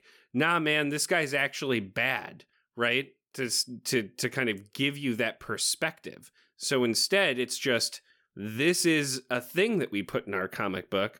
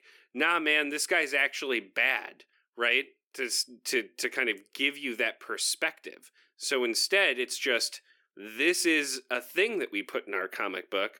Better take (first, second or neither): first